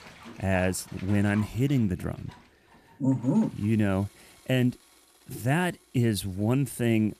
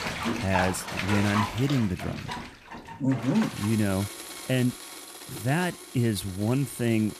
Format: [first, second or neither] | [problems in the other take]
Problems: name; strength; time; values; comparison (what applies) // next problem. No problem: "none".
first | household noises; loud; throughout; 7 dB below the speech; faint in the first